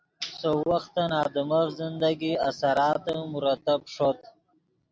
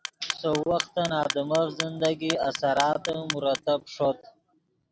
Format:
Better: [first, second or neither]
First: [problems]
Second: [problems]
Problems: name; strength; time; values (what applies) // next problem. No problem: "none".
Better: first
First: none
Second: background sound (Clock); 10 dB below the speech